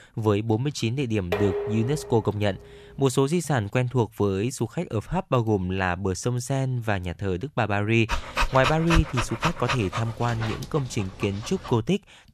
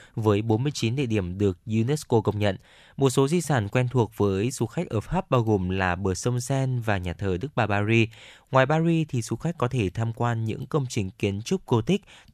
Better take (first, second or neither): second